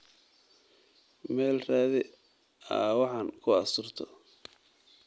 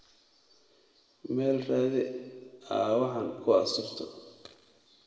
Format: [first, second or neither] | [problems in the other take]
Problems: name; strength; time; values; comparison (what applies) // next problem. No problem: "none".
first | room echo; dies away in 1.5 s